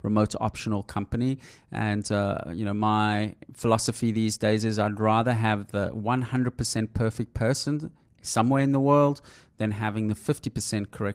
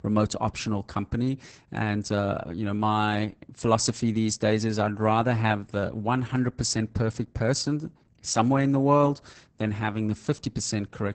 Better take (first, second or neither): first